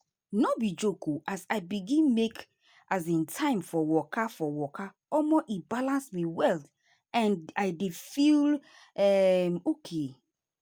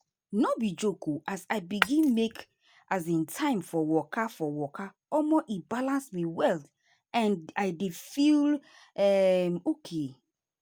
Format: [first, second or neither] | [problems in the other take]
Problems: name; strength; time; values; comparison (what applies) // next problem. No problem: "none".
first | background sound (Shatter); 4 dB below the speech